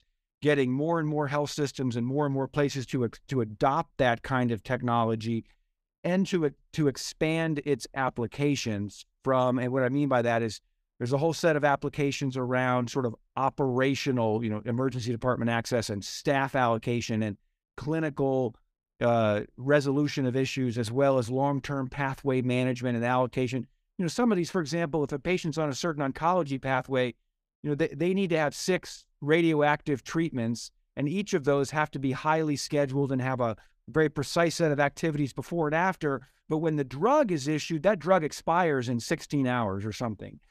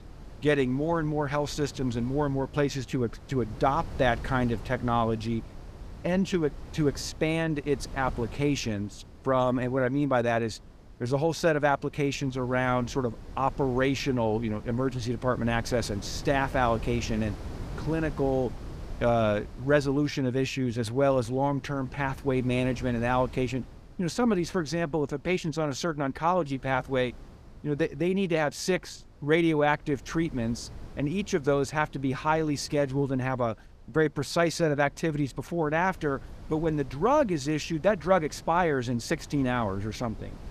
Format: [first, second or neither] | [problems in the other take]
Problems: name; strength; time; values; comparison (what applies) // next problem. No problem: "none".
first | wind noise on the microphone; occasional gusts; 20 dB below the speech